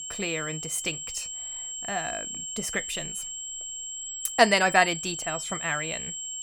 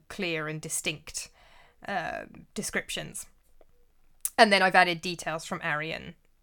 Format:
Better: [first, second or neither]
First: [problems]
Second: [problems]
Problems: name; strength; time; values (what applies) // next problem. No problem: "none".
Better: second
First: high-pitched whine; loud; throughout; 7.5 kHz, 6 dB below the speech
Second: none